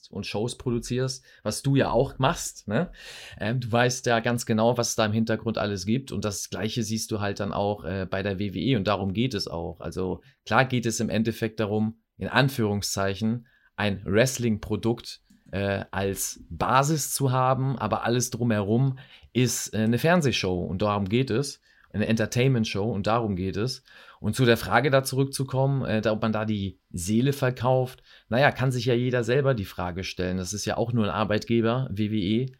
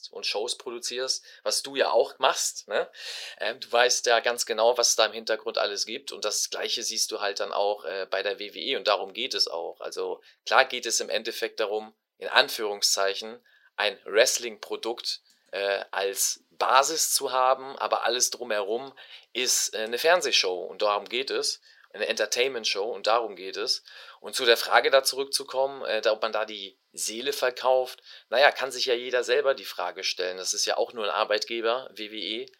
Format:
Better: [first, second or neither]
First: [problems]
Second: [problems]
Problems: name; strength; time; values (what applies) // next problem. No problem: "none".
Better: first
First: none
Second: thin; very; fading below 450 Hz